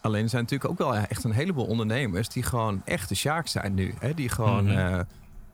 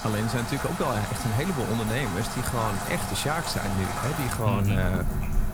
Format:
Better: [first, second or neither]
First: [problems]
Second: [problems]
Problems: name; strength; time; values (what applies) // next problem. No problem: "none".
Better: first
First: rain or running water; faint; throughout; 25 dB below the speech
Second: rain or running water; loud; throughout; 4 dB below the speech